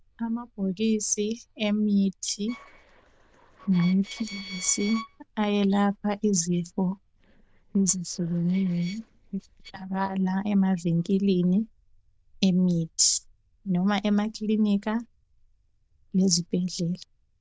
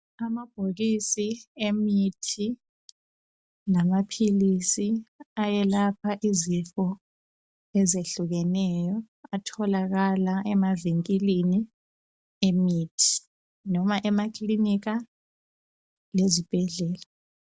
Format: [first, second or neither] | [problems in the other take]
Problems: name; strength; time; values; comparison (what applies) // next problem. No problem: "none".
second | noise reduction (neural diffusion model UNIVERSE++)